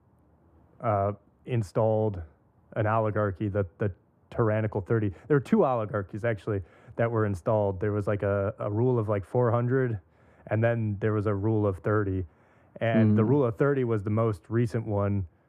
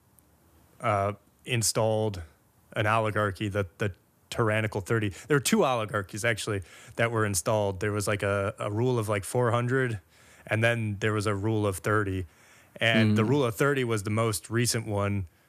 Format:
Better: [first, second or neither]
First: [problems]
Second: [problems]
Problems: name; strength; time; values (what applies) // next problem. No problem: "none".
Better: second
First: muffled; very; fading above 2.5 kHz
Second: none